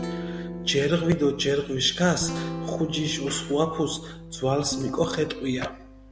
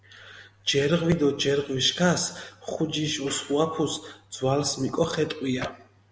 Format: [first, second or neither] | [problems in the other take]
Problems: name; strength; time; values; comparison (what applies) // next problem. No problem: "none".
second | background sound (Guitar); 9 dB below the speech